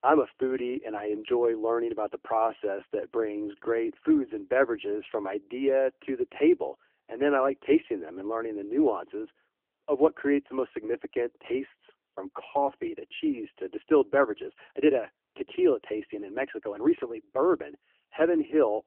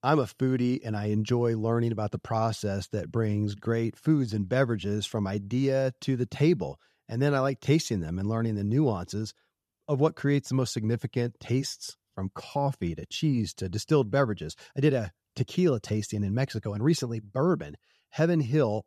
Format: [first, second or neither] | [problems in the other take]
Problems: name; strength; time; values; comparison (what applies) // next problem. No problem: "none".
second | phone-call audio; poor line